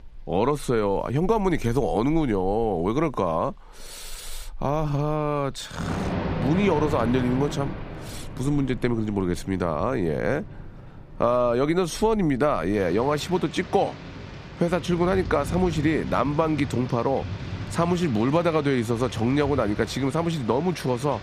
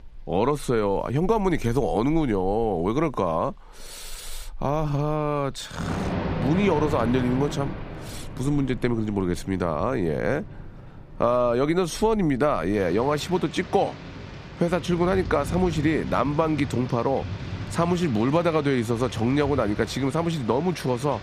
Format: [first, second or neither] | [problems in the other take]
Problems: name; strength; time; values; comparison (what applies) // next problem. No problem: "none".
neither | rain or running water; noticeable; throughout; 10 dB below the speech; the same in both